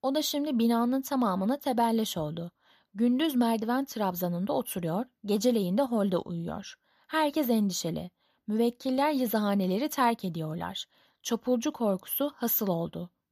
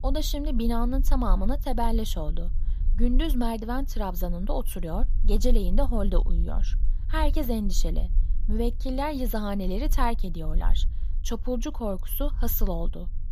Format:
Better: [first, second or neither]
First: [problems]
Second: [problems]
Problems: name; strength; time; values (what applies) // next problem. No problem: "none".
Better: first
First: none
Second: low rumble; faint; throughout; 20 dB below the speech